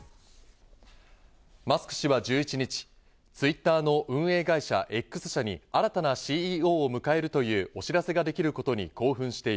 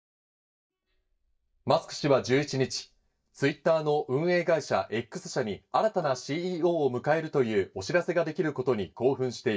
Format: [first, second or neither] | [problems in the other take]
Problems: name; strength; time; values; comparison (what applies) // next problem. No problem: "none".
first | noise reduction (neural mask model DeepFilterNet 3)